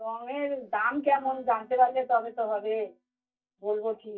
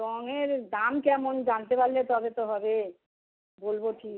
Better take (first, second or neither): second